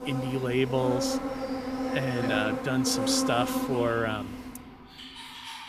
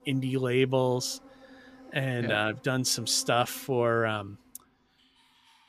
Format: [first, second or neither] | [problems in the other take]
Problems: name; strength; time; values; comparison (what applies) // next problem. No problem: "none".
second | animal sounds; loud; throughout; 3 dB below the speech; faint in the second